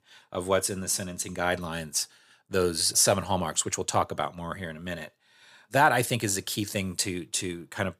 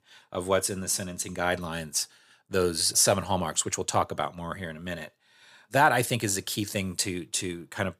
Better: neither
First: none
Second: none

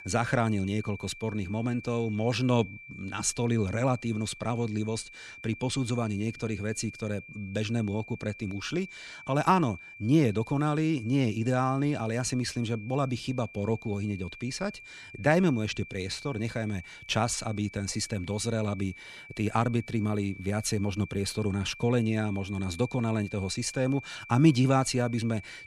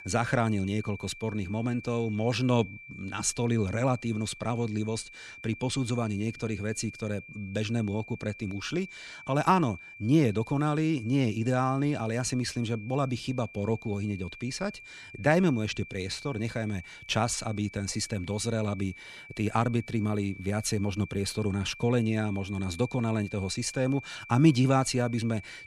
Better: neither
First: high-pitched whine; noticeable; throughout; 2.5 kHz, 15 dB below the speech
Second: high-pitched whine; noticeable; throughout; 2.5 kHz, 15 dB below the speech

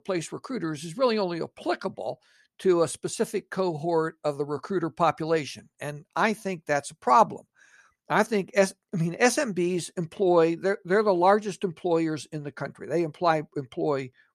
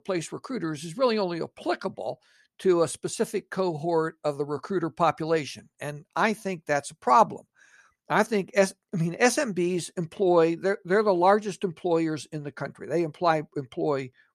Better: neither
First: none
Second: none

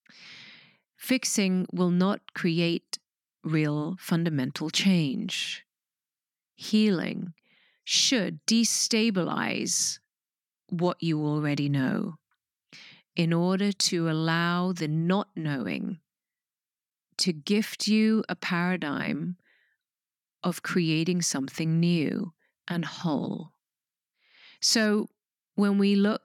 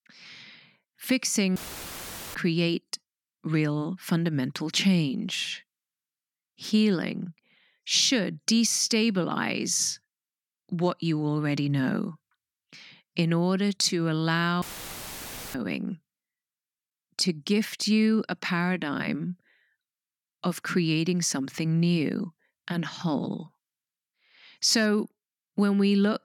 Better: first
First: none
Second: audio cutting out; filled with static; at 1.5 s for 1 s and at 15 s for 1 s

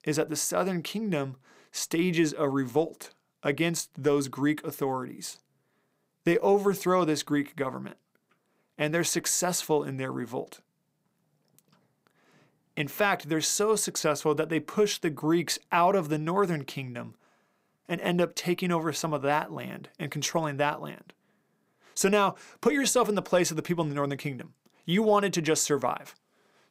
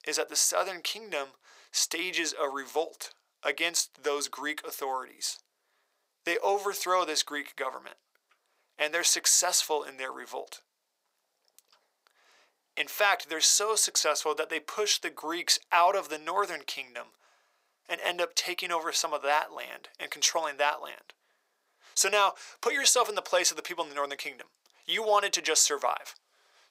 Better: first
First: none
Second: thin; very; fading below 550 Hz

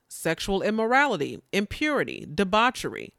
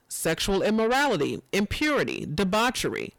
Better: first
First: none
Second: distortion; heavy; 6 dB below the speech

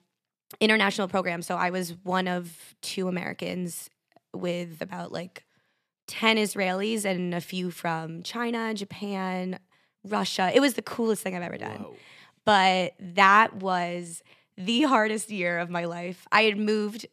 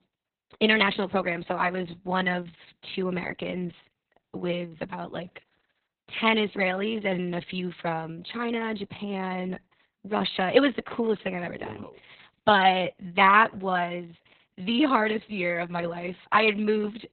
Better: first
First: none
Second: garbled, watery; badly; nothing above 4 kHz

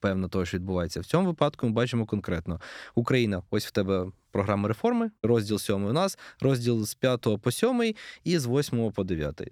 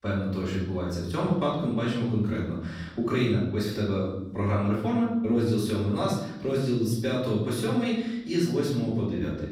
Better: first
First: none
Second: off-mic speech; far // room echo; noticeable; dies away in 0.9 s

